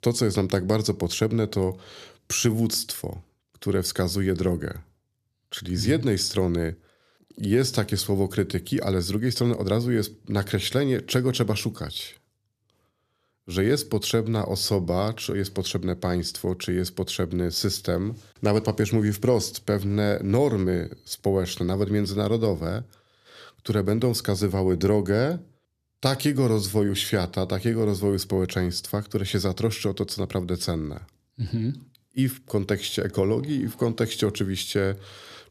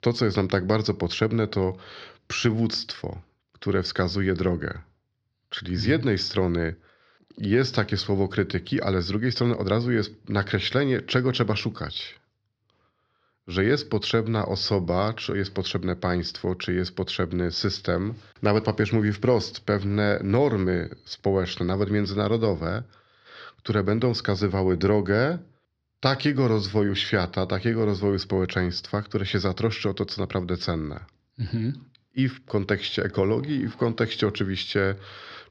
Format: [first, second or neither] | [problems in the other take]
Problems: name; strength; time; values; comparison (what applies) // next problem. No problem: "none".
first | muffled; very slightly; fading above 5 kHz